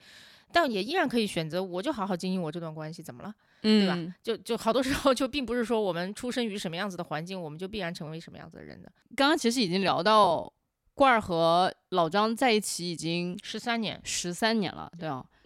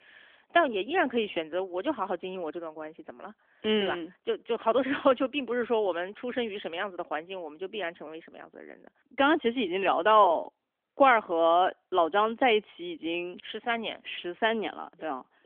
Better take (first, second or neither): first